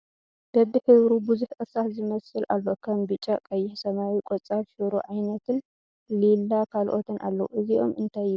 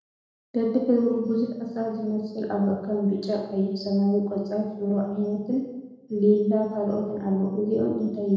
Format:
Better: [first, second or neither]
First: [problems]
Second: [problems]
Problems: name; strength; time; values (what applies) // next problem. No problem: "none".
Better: first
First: none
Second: room echo; dies away in 0.9 s